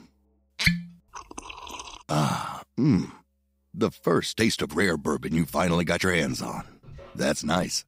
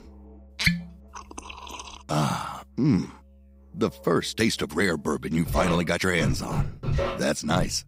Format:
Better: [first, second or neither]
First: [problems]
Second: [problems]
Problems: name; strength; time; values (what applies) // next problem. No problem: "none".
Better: first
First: background music; faint; throughout; 25 dB below the speech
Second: background music; loud; throughout; 5 dB below the speech